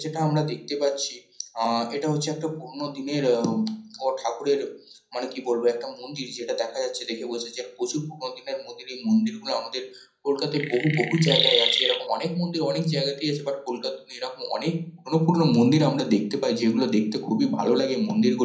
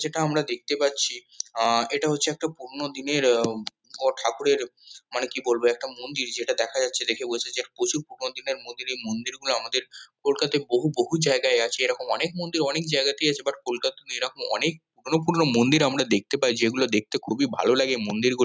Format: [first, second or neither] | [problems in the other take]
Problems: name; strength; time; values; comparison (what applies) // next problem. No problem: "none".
second | background sound (Chirp, tweet); as loud as the speech // room echo; dies away in 0.6 s